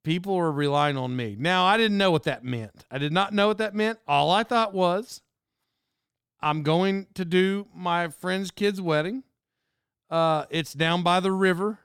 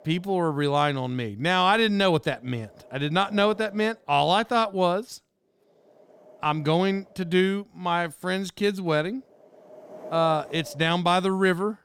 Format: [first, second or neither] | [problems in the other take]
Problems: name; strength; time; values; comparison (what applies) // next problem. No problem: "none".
first | wind noise on the microphone; occasional gusts; 20 dB below the speech